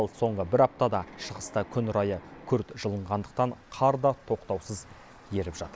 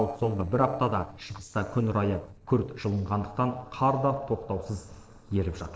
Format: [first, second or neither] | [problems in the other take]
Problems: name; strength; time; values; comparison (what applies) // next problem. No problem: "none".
first | noise reduction (neural separator model SepFormer DNS4)